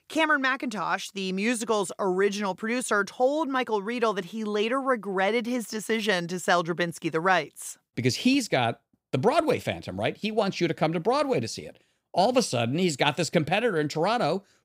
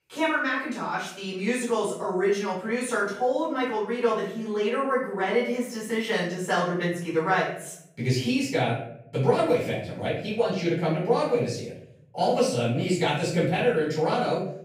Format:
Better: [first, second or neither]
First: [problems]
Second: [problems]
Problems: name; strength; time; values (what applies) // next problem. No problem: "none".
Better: first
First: none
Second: off-mic speech; far // room echo; noticeable; dies away in 0.6 s